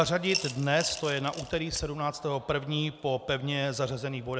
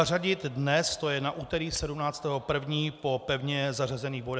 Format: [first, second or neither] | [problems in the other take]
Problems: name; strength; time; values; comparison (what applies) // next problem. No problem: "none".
second | background sound (Coin (dropping) / Glass); 9 dB below the speech